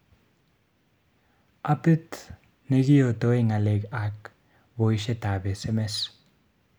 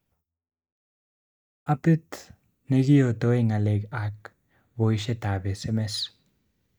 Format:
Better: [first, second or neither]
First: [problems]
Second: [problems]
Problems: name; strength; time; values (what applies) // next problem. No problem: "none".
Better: first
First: none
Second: noise reduction (neural mask model DeepFilterNet 3)